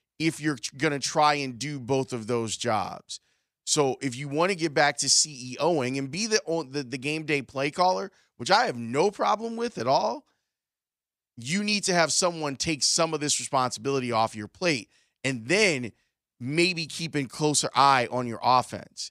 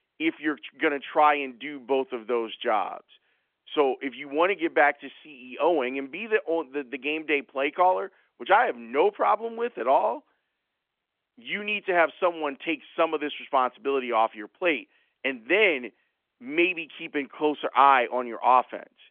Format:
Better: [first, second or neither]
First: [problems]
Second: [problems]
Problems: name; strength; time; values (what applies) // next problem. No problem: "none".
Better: first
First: none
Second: phone-call audio